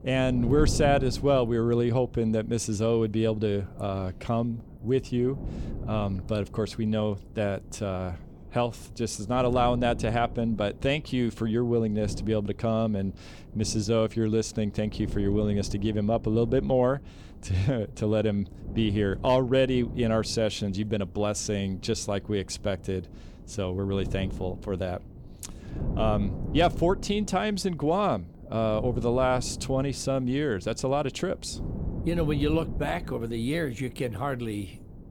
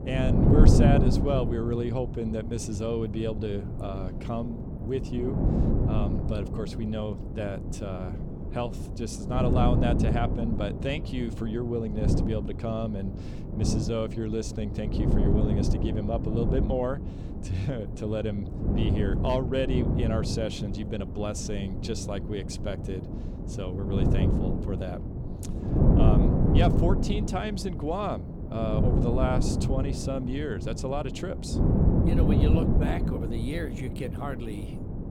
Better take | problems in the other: first | wind noise on the microphone; heavy; 3 dB below the speech; occasional gusts in the first

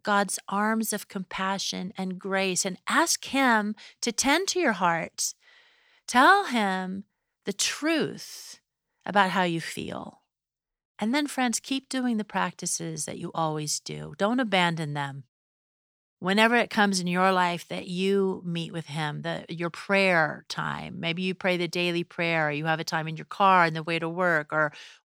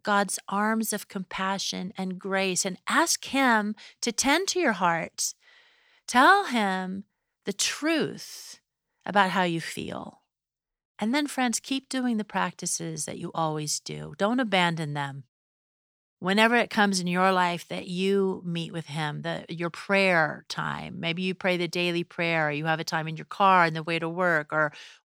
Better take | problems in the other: neither | none

